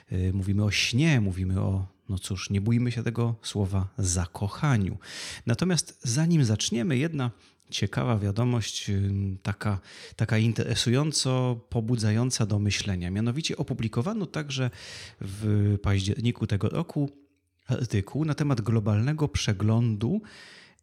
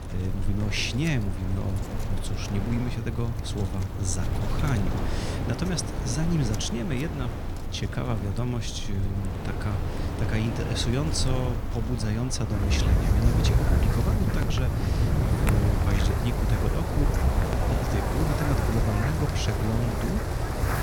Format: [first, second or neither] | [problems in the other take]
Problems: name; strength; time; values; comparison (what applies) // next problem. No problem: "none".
first | wind in the background; very loud; throughout; 2 dB above the speech